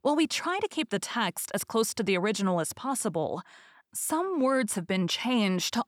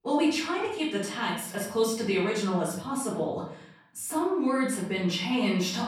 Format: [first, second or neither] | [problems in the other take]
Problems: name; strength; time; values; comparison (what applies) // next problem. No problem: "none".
first | off-mic speech; far // room echo; noticeable; dies away in 0.6 s